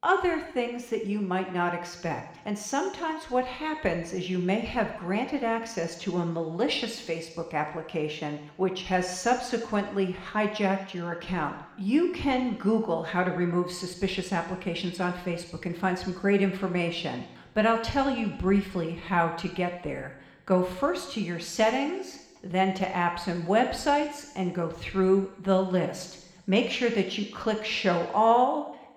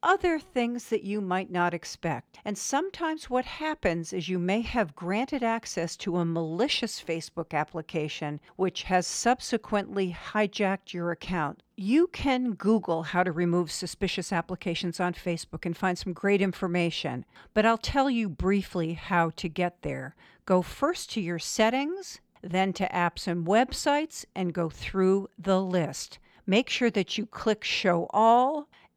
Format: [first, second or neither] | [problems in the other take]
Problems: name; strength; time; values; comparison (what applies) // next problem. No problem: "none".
second | room echo; slight; dies away in 1 s